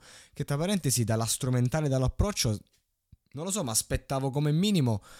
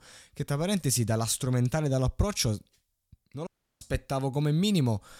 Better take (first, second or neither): first